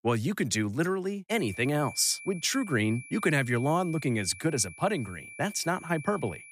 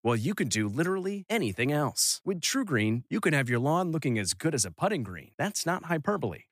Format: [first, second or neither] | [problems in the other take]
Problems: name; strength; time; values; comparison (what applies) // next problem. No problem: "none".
second | high-pitched whine; noticeable; from 1.5 s on; 2.5 kHz, 15 dB below the speech